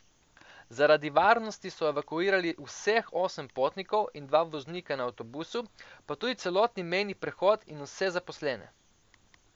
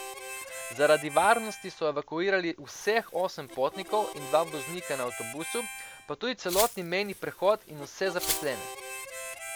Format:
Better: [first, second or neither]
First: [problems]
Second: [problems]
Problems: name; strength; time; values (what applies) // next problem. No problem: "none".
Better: first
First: none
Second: background sound (Glass + Harmonica); 9 dB below the speech